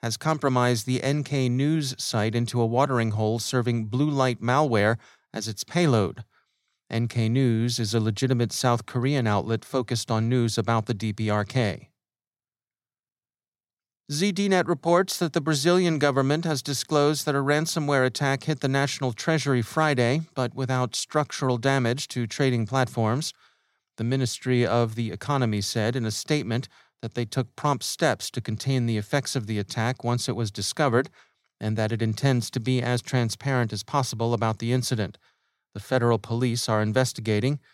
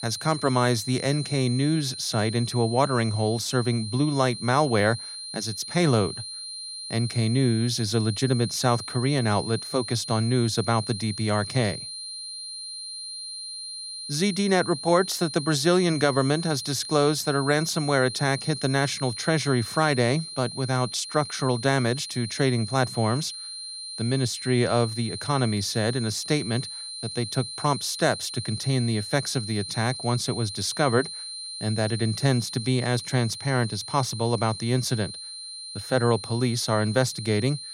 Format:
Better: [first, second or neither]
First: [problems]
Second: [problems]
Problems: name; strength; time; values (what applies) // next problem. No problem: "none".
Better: first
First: none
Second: high-pitched whine; loud; throughout; 4 kHz, 9 dB below the speech